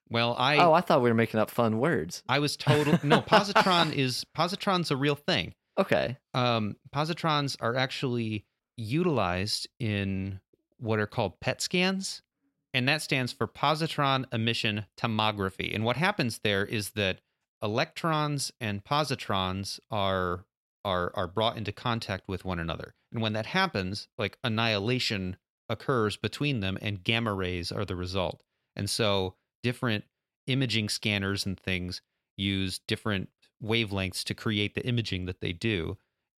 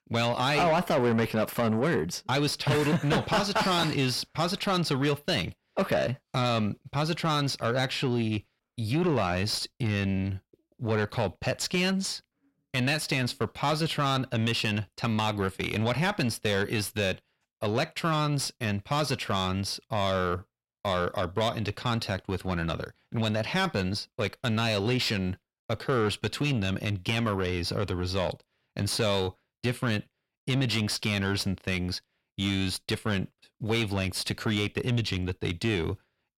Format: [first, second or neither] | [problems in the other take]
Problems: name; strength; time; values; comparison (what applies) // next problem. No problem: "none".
first | distortion; heavy; 8 dB below the speech